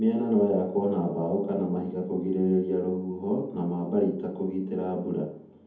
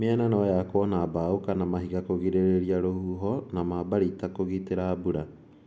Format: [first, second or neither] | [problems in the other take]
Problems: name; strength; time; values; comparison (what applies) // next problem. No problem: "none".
second | room echo; dies away in 0.6 s